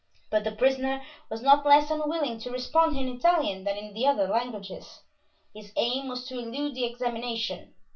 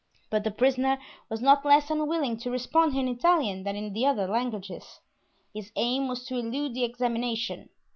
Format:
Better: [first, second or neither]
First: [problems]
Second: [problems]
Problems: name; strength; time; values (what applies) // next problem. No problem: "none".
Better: second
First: room echo; dies away in 0.2 s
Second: none